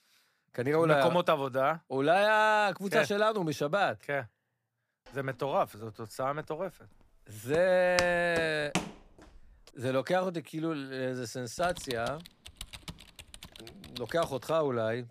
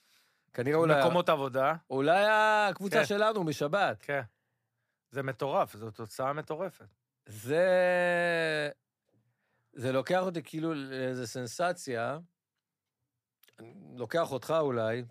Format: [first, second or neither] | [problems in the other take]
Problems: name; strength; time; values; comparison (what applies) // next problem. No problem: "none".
second | footsteps; noticeable; from 7.5 to 9 s; peak 5 dB below the speech // keyboard typing; faint; from 12 to 15 s; peak 15 dB below the speech